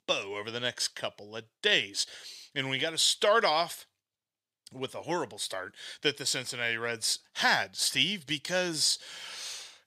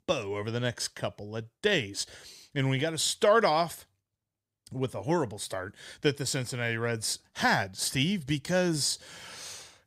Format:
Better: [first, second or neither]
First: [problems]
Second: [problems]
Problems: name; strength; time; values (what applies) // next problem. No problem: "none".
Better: second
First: thin; somewhat; fading below 500 Hz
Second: none